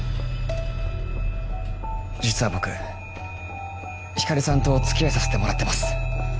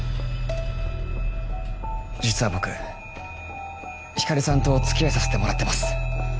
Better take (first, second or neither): second